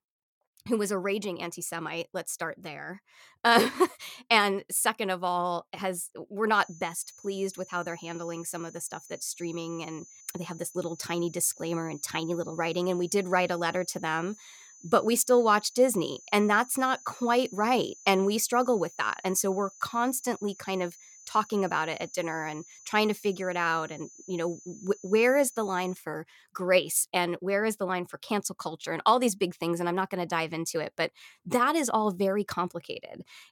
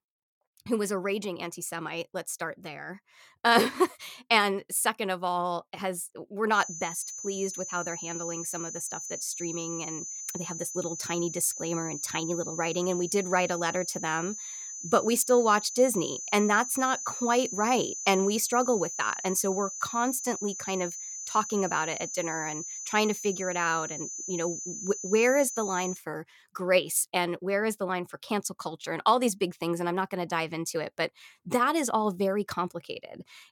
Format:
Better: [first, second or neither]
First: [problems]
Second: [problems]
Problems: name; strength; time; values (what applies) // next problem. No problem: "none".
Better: first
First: high-pitched whine; faint; from 6.5 to 26 s; 6 kHz, 20 dB below the speech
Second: high-pitched whine; loud; from 6.5 to 26 s; 6 kHz, 7 dB below the speech